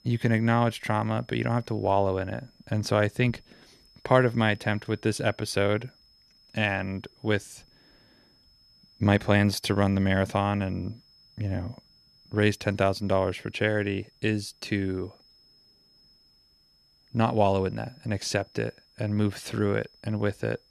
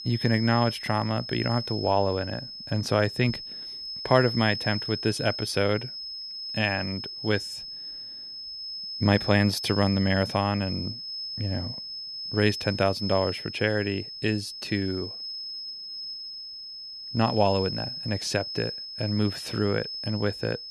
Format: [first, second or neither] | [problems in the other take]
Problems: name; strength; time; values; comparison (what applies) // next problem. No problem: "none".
first | high-pitched whine; loud; throughout; 5 kHz, 7 dB below the speech; faint in the first